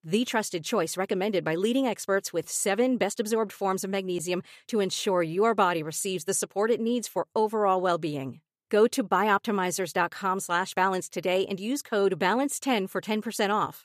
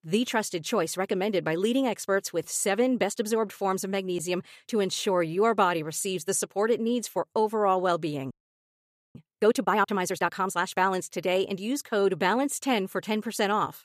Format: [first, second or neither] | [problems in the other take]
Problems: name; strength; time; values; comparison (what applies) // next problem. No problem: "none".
first | audio freezing; at 8.5 s for 1 s